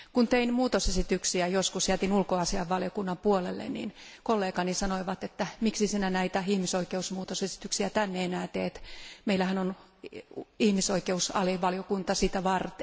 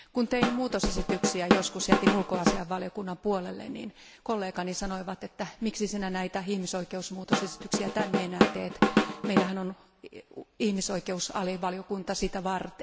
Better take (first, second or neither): first